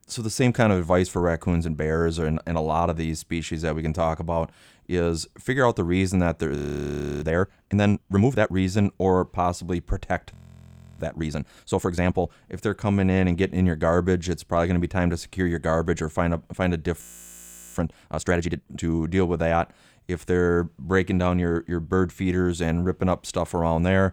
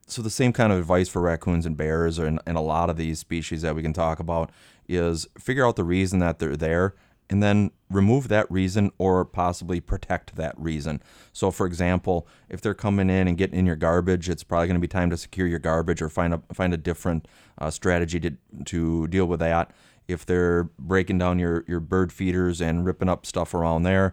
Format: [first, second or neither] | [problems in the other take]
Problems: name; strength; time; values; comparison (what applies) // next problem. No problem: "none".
second | audio freezing; at 6.5 s for 0.5 s, at 10 s for 0.5 s and at 17 s for 0.5 s